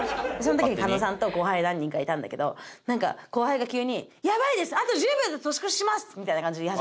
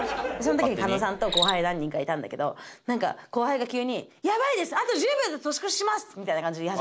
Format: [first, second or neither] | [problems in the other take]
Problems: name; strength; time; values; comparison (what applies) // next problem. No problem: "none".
first | background sound (Cricket); 12 dB below the speech